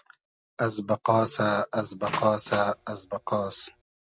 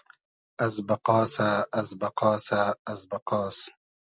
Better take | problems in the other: second | background sound (Door); 12 dB below the speech

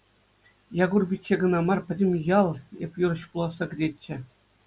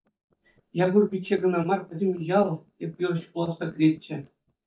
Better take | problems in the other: first | noise reduction (neural mask model DeepFilterNet 3)

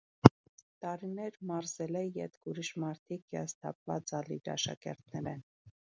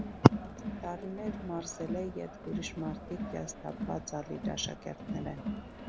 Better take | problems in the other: first | background sound (Crowd); 7 dB below the speech

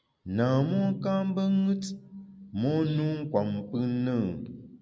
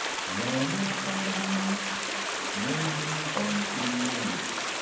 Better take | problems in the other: first | background sound (Stream); 2 dB above the speech // room echo; dies away in 0.7 s

